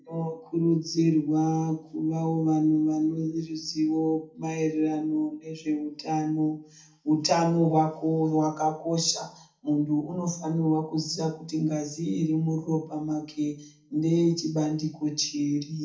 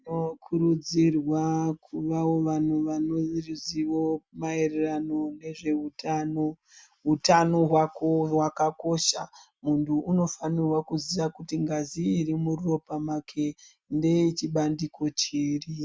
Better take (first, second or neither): second